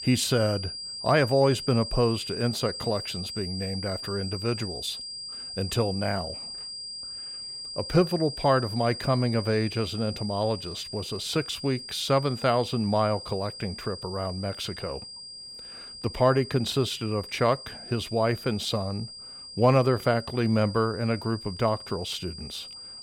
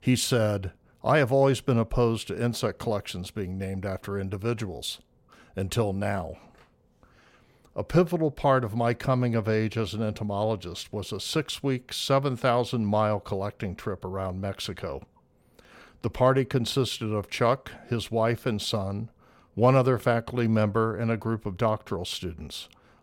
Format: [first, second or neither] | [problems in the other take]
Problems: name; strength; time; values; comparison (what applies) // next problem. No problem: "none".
second | high-pitched whine; loud; throughout; 5 kHz, 9 dB below the speech